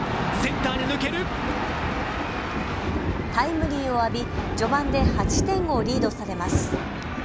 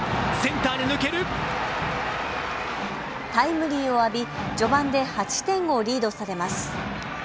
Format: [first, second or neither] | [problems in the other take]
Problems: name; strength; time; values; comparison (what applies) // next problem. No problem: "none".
second | background sound (Thunder); 1 dB below the speech